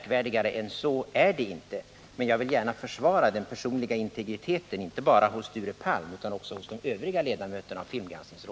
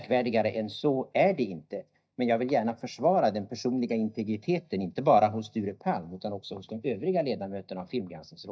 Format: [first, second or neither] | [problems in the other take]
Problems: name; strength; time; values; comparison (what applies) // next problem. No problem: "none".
first | noise reduction (neural mask model DeepFilterNet 3)